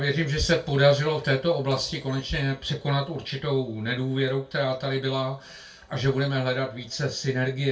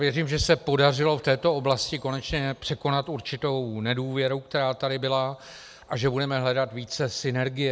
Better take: second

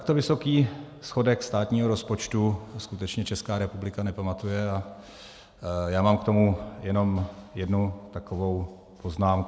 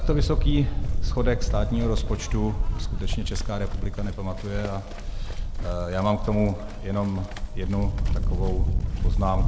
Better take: first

